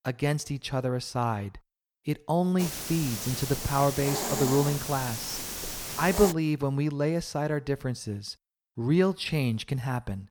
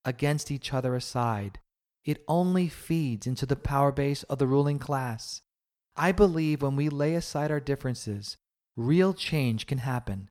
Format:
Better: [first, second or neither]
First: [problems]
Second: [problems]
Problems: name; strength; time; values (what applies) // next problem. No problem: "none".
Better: second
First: hiss; loud; from 2.5 to 6.5 s; 4 dB below the speech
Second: none